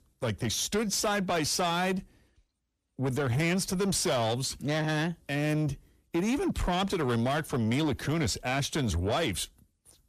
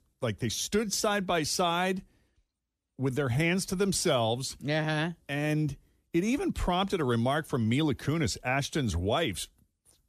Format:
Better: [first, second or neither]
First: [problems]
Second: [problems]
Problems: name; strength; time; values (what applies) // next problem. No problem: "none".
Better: second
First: distortion; slight; 10 dB below the speech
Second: none